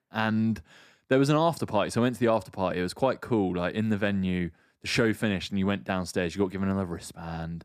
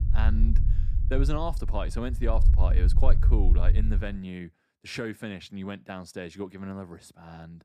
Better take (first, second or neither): first